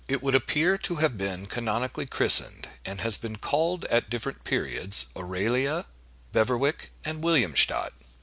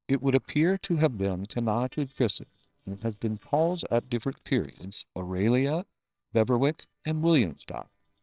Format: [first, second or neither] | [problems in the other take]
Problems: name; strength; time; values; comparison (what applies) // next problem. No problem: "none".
first | noise reduction (neural separator model SepFormer WHAMR!)